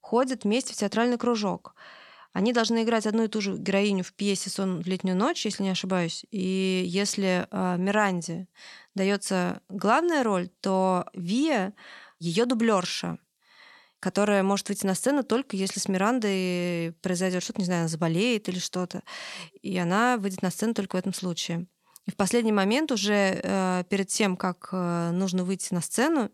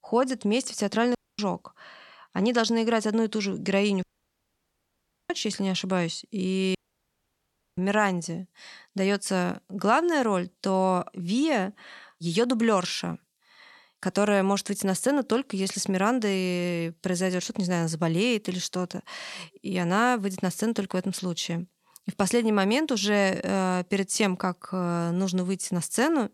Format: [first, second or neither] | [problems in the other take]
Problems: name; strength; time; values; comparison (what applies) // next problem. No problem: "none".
first | audio cutting out; at 1 s, at 4 s for 1.5 s and at 7 s for 1 s